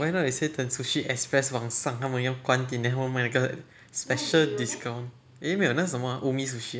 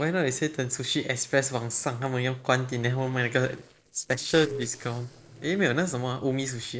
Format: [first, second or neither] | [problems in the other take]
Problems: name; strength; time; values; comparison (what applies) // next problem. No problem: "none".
first | noise reduction (neural separator model SepFormer DNS4)